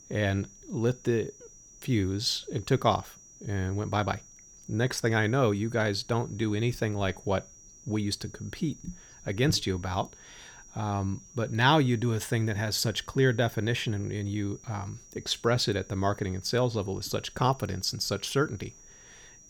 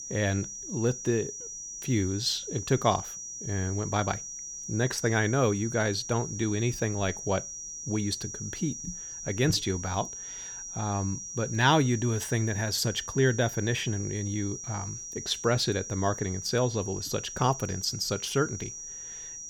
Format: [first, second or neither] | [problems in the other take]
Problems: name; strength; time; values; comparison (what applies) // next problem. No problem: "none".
first | high-pitched whine; loud; throughout; 6 kHz, 8 dB below the speech; faint in the first